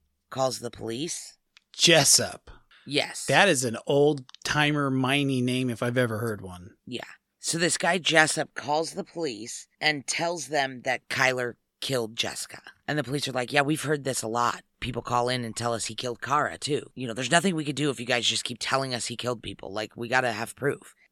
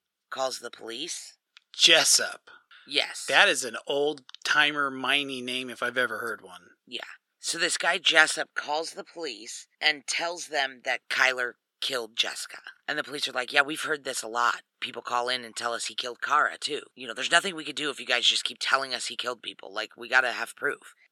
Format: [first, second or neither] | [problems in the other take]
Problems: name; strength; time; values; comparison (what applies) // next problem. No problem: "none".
first | thin; somewhat; fading below 400 Hz